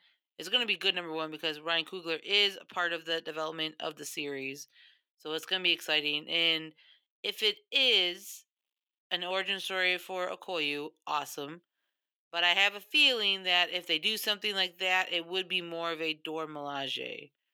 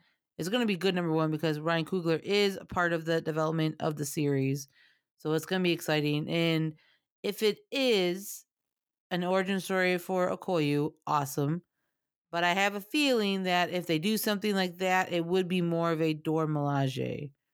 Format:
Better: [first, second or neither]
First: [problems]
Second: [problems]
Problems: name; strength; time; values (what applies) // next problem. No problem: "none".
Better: second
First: thin; somewhat; fading below 400 Hz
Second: none